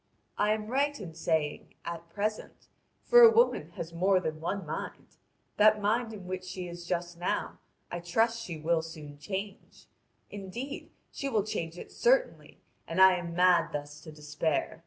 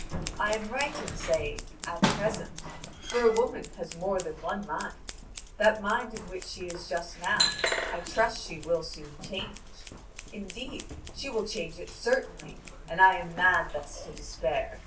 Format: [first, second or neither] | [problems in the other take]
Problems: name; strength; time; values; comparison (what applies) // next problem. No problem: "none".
first | background sound (Scissors); 6 dB below the speech // room echo; dies away in 0.2 s